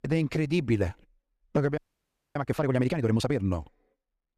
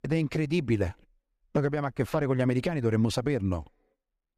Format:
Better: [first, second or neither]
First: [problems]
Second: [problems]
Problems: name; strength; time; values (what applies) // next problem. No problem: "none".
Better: second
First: audio freezing; at 2 s for 0.5 s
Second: none